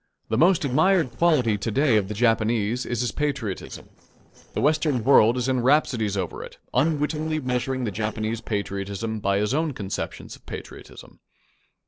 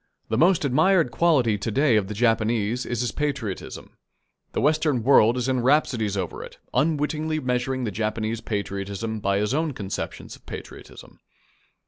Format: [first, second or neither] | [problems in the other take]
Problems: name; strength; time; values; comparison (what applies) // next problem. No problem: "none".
second | noise reduction (neural separator model SepFormer DNS4)